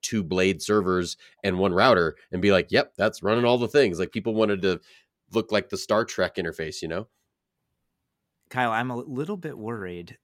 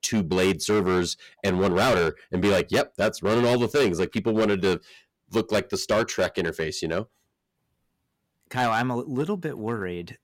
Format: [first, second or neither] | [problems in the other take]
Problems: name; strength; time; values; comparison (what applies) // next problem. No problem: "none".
first | distortion; heavy; 9% of the sound clipped